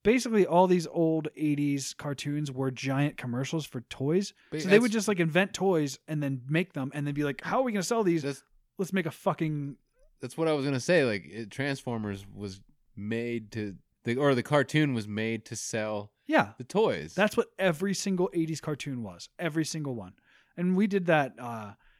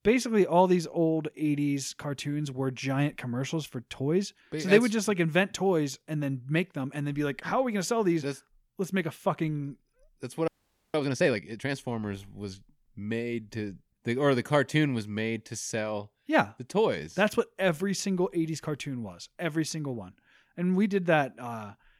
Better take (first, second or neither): first